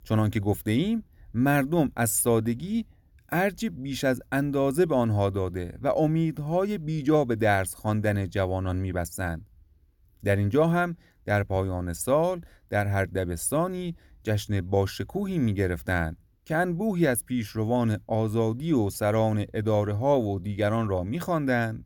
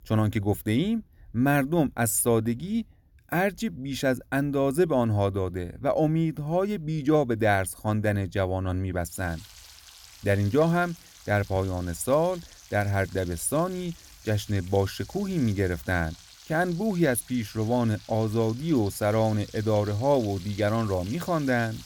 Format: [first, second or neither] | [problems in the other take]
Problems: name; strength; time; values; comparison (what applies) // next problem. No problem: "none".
first | household noises; faint; from 9 s on; 20 dB below the speech